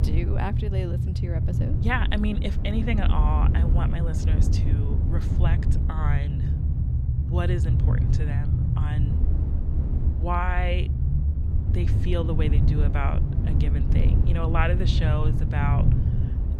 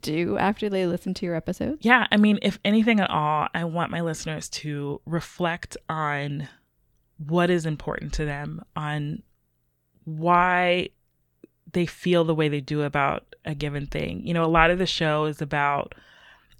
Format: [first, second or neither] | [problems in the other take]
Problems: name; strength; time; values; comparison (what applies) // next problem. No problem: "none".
second | low rumble; loud; throughout; 5 dB below the speech